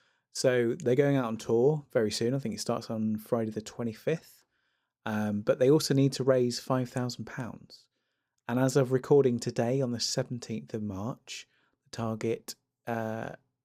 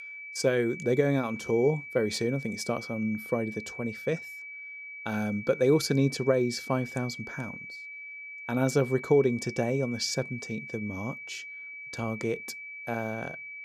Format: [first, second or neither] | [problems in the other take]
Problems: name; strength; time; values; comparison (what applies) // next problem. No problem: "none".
first | high-pitched whine; noticeable; throughout; 2.5 kHz, 10 dB below the speech